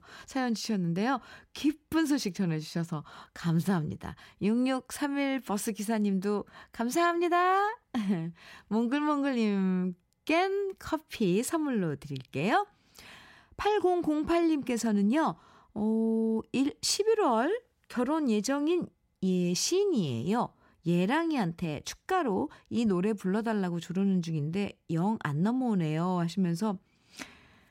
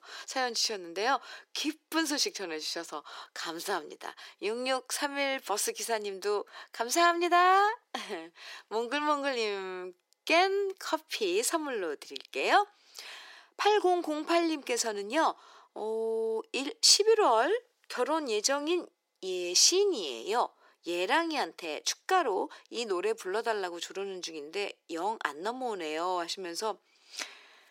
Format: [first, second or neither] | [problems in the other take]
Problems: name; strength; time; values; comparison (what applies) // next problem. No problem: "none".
first | thin; very; fading below 350 Hz